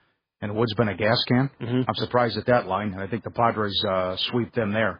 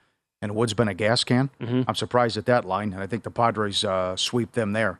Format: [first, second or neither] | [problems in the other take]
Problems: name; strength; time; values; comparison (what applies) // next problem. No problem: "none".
second | garbled, watery; badly; nothing above 4.5 kHz